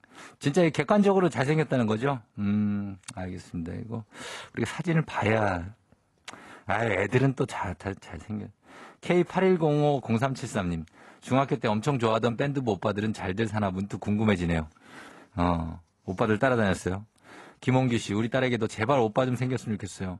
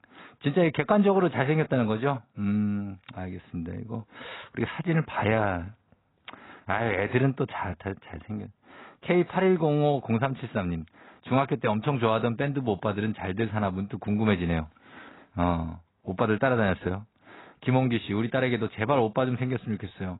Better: first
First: garbled, watery; slightly; nothing above 11 kHz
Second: garbled, watery; badly; nothing above 4 kHz

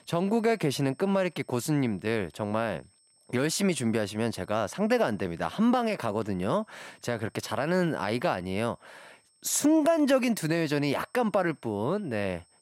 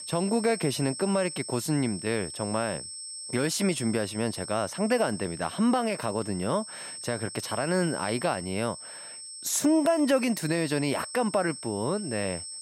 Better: first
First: high-pitched whine; faint; throughout; 8.5 kHz, 35 dB below the speech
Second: high-pitched whine; loud; throughout; 8.5 kHz, 9 dB below the speech

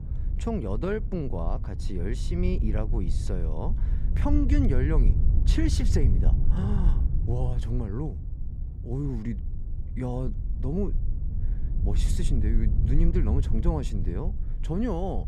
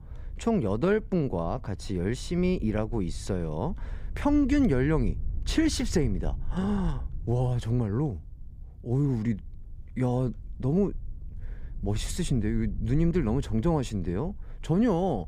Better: second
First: low rumble; loud; throughout; 9 dB below the speech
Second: low rumble; faint; throughout; 25 dB below the speech

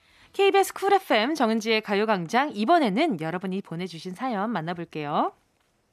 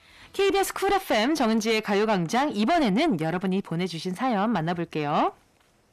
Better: first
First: none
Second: distortion; heavy; 7 dB below the speech

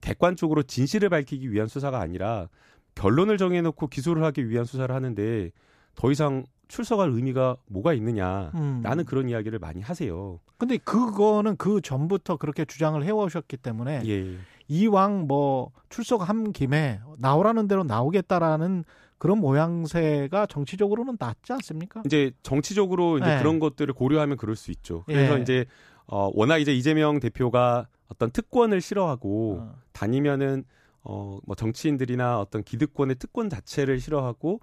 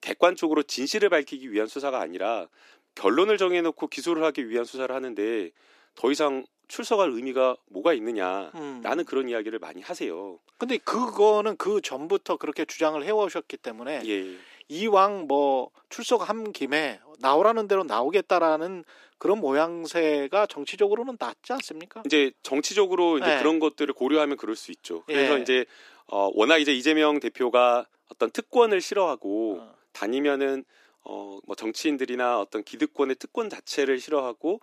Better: first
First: none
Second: thin; somewhat; fading below 300 Hz

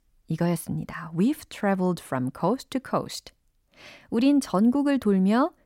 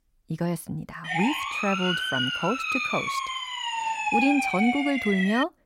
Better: first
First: none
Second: siren; loud; from 1 s on; peak 4 dB above the speech

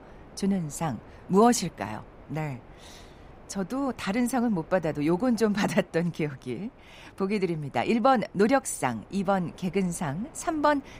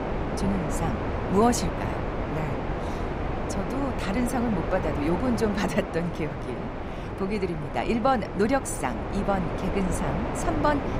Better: first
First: wind noise on the microphone; occasional gusts; 25 dB below the speech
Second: wind noise on the microphone; heavy; 3 dB below the speech

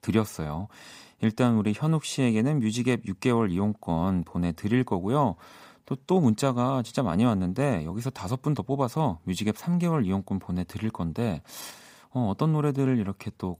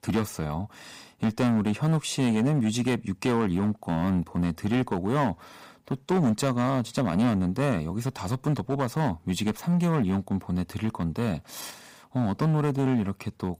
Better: first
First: none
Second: distortion; slight; 7% of the sound clipped

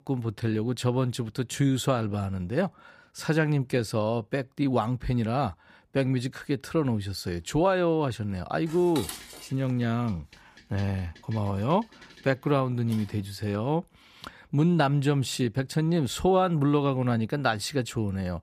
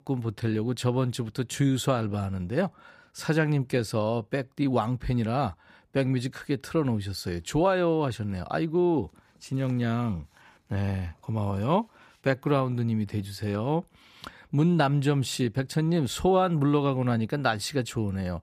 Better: second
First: clattering dishes; noticeable; from 8.5 to 13 s; peak 9 dB below the speech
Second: none

